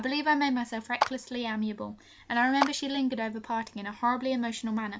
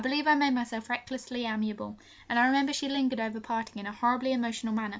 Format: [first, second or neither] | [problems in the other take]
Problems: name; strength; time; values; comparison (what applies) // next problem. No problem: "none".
second | background sound (Clapping); 6 dB below the speech